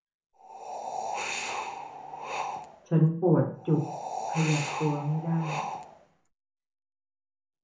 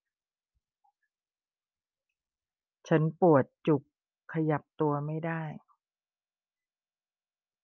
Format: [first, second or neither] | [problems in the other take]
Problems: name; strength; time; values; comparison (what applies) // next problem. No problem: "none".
second | background sound (Wind); 5 dB below the speech // room echo; dies away in 0.6 s